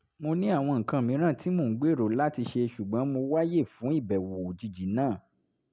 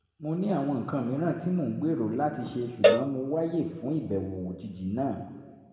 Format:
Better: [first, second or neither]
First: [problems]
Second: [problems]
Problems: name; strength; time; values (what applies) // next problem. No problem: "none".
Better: first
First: none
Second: background sound (Cowbell); 1 dB above the speech // room echo; dies away in 1.5 s